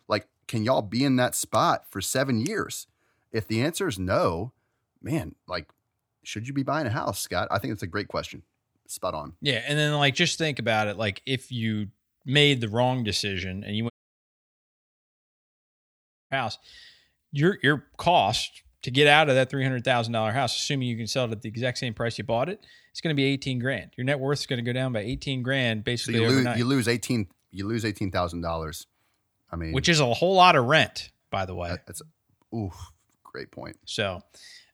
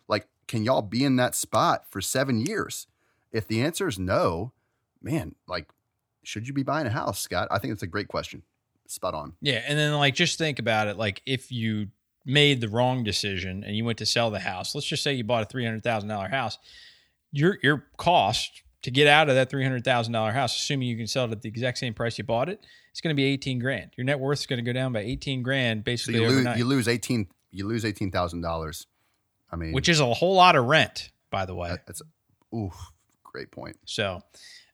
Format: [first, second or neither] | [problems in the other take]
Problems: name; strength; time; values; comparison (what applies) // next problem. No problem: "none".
second | audio cutting out; at 14 s for 2.5 s